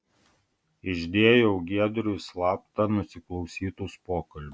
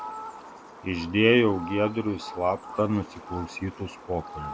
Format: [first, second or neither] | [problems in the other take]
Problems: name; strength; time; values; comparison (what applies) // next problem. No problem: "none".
first | background sound (Fowl); 14 dB below the speech